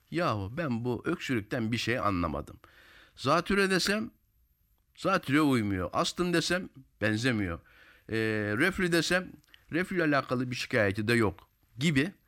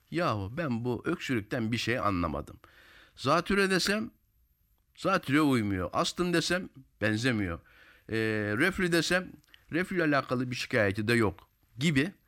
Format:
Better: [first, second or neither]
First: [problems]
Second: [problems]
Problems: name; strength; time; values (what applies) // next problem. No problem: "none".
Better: neither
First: none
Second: none